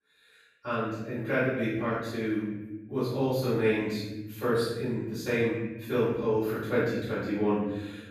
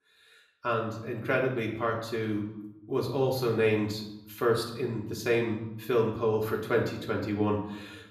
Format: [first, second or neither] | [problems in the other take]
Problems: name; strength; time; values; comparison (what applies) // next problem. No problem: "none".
second | room echo; strong; dies away in 1.1 s; slight in the second // off-mic speech; far; far in the second